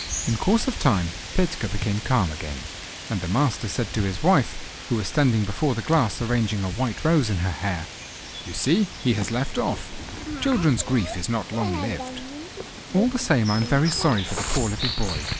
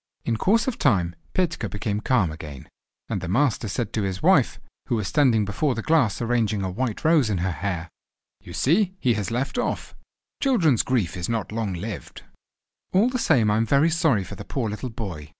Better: second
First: background sound (Bird vocalization, bird call, bird song); 9 dB below the speech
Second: none

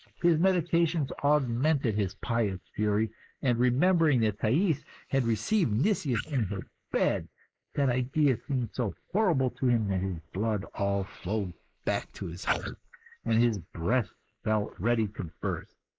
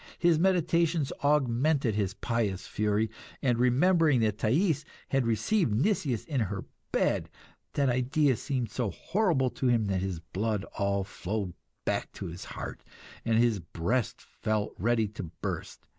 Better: second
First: noise reduction (neural mask model Resemble Enhance denoiser)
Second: none

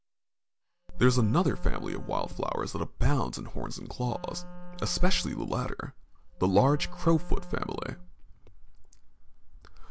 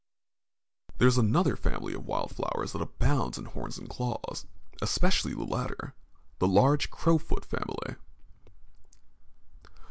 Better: second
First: background sound (Wind instrument, woodwind instrument); 19 dB below the speech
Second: none

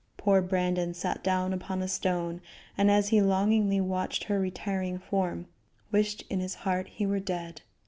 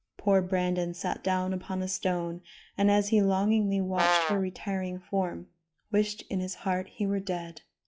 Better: first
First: none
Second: noise reduction (classical method log-MMSE)

